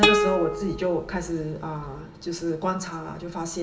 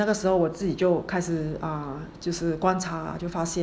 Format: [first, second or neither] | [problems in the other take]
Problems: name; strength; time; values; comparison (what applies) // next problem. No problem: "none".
second | background sound (Plucked string instrument); 2 dB above the speech // room echo; dies away in 0.7 s